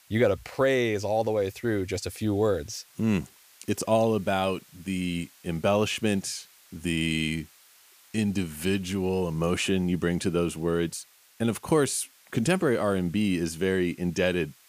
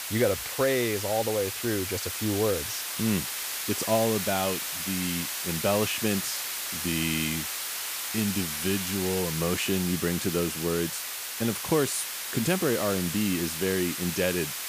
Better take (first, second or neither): first